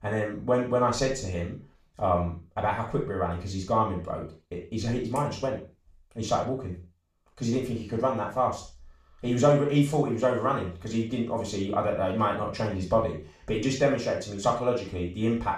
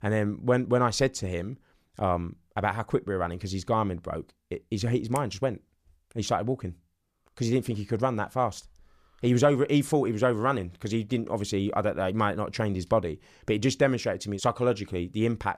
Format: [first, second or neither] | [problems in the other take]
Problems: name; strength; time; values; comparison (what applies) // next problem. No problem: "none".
second | room echo; noticeable; dies away in 0.3 s // off-mic speech; far